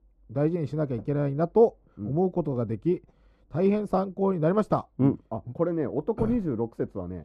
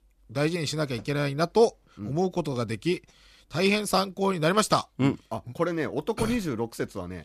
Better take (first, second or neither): second